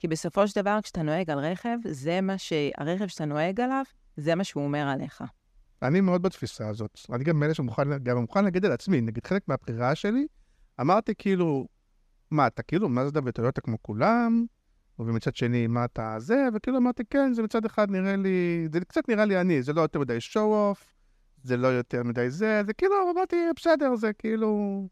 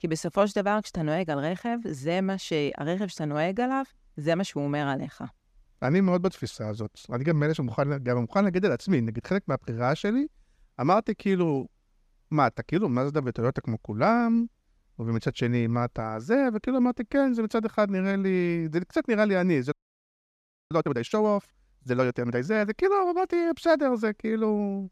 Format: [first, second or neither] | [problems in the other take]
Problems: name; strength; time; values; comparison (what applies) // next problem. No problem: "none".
first | audio freezing; at 20 s for 1 s